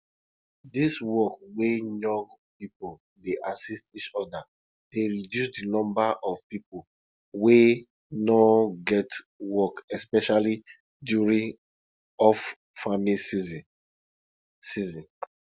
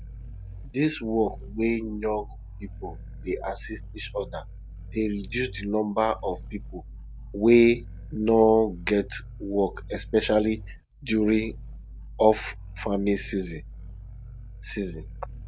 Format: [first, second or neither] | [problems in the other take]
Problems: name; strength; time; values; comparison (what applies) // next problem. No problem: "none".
first | background sound (Growling); 13 dB below the speech